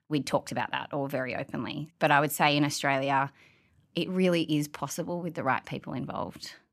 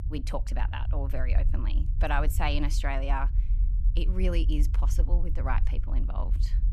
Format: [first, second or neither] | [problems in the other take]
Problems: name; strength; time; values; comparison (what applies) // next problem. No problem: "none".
first | low rumble; noticeable; throughout; 15 dB below the speech